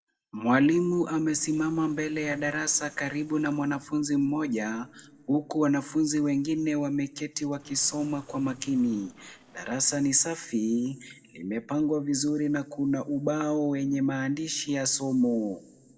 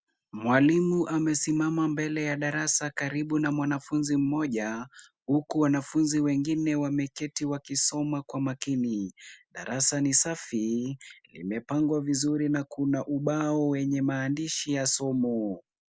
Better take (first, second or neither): second